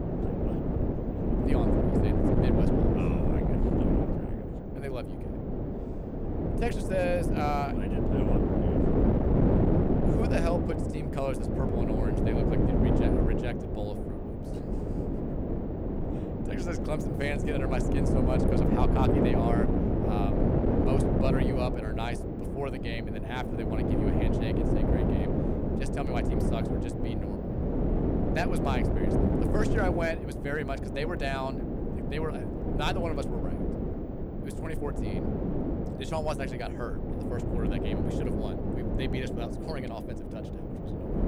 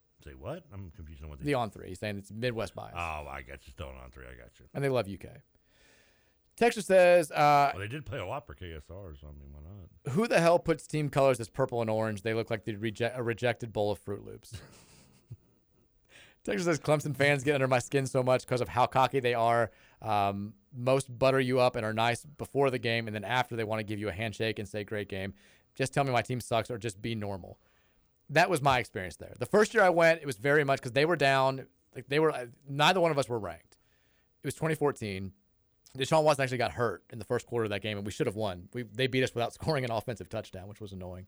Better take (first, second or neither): second